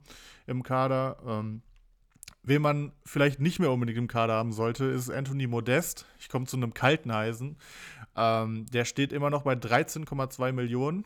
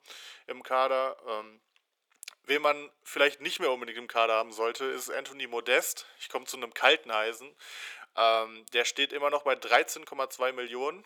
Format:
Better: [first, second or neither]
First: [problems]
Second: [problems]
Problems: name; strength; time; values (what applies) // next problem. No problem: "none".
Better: first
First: none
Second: thin; very; fading below 400 Hz